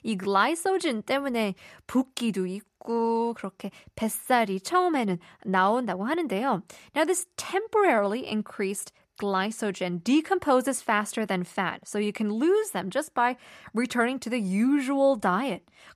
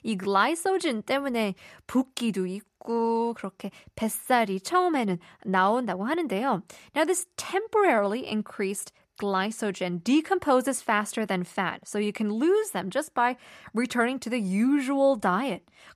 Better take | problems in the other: neither | none

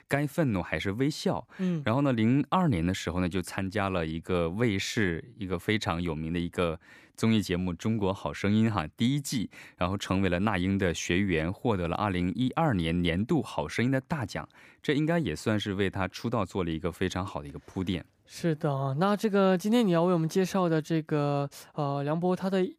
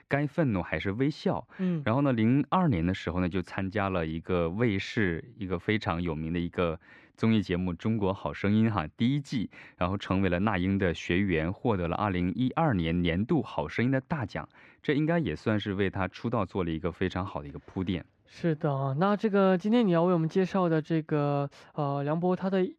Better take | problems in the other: first | muffled; slightly; fading above 3 kHz

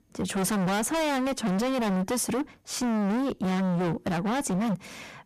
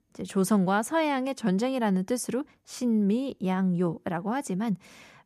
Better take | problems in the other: second | distortion; heavy; 43% of the sound clipped

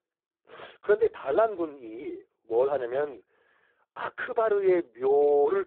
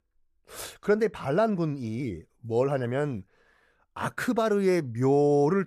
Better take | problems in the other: second | phone-call audio; poor line

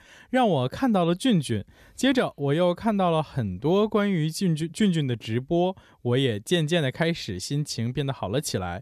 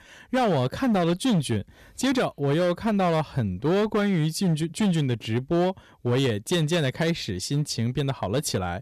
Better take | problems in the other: first | distortion; slight; 12% of the sound clipped

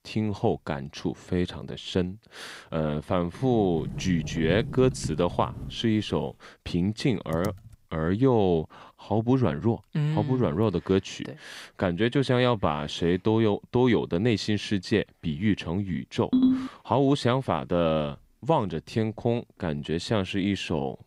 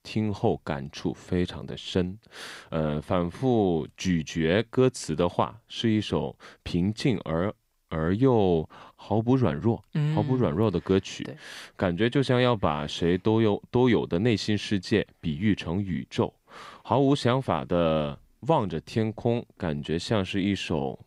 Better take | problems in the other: second | door banging; noticeable; from 3.5 to 6 s; peak 6 dB below the speech // keyboard typing; faint; at 7.5 s; peak 10 dB below the speech // phone ringing; loud; at 16 s; peak 4 dB above the speech

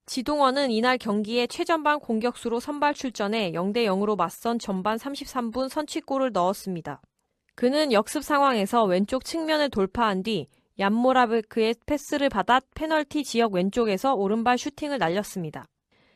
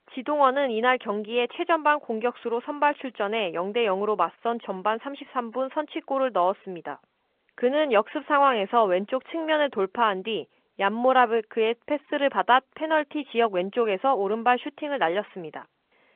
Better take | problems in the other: first | phone-call audio; nothing above 3 kHz

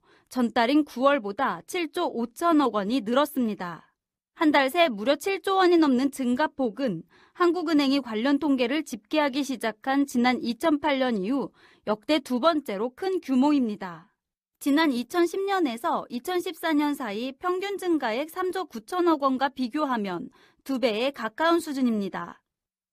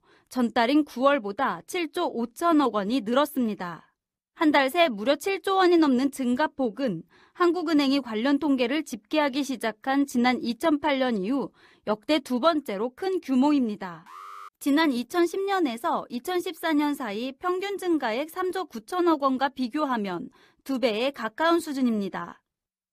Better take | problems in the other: first | alarm; faint; at 14 s; peak 15 dB below the speech

